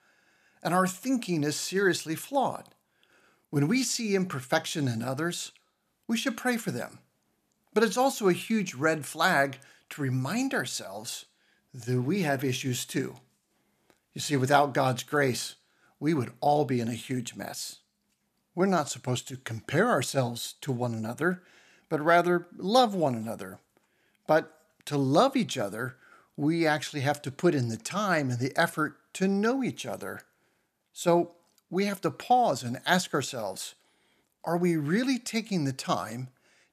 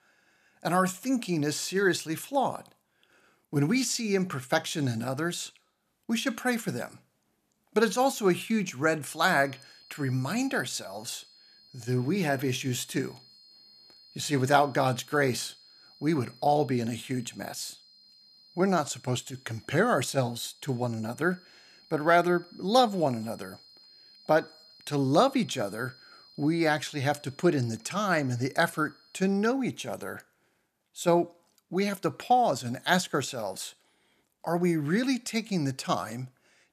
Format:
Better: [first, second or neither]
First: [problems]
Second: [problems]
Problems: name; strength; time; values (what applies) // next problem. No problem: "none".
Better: first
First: none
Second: high-pitched whine; faint; from 9 to 29 s; 4 kHz, 25 dB below the speech